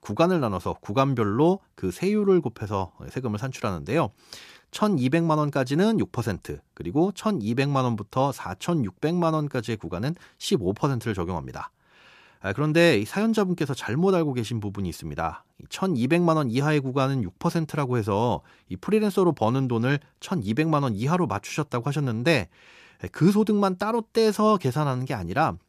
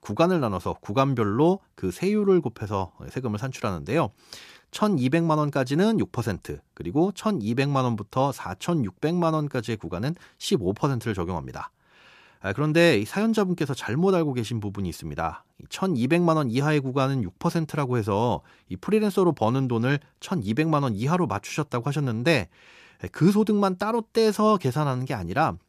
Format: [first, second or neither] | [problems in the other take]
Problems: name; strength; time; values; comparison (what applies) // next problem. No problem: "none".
neither | none